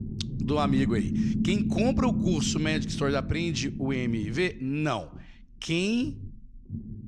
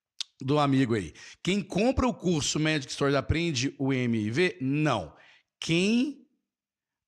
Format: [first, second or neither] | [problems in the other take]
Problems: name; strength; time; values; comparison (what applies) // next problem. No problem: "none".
second | low rumble; loud; throughout; 7 dB below the speech